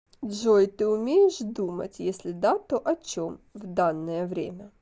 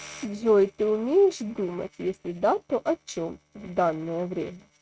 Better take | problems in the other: first | noise reduction (neural mask model RNNoise)

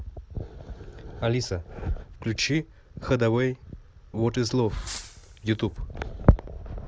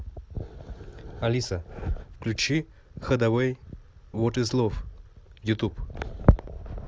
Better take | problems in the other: second | background sound (Fireworks); 18 dB below the speech

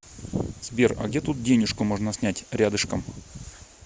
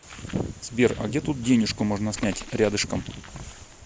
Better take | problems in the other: first | background sound (Bird); 18 dB below the speech

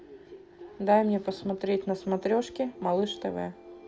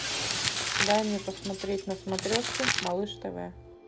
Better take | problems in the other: first | background sound (Shatter + Crumpling, crinkling); as loud as the speech

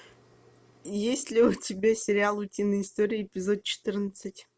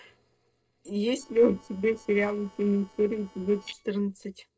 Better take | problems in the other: first | noise reduction (neural separator model SepFormer DNS4)

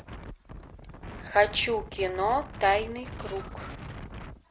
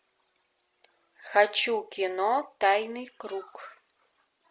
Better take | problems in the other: second | background sound (Wind); 11 dB below the speech

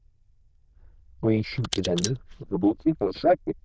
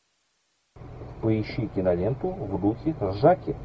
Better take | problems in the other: second | noise reduction (neural diffusion model UNIVERSE++)

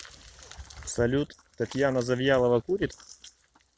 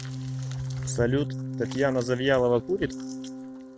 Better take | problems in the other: first | background sound (Organ); 7 dB below the speech

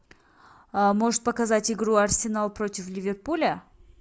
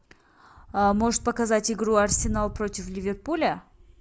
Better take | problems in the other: first | background sound (Wind); 12 dB below the speech

